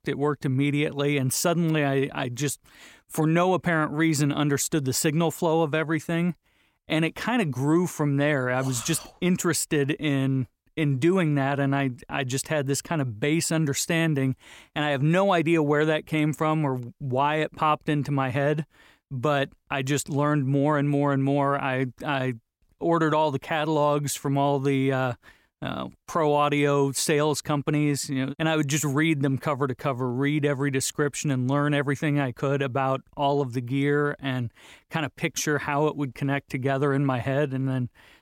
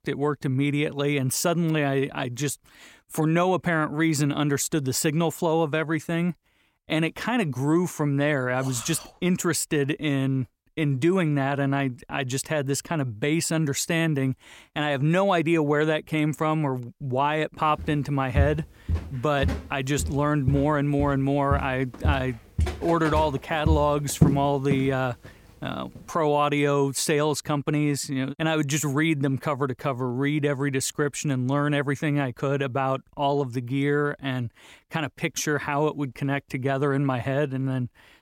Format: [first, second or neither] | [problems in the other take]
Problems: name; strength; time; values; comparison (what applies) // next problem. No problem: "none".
first | footsteps; loud; from 18 to 25 s; peak 2 dB above the speech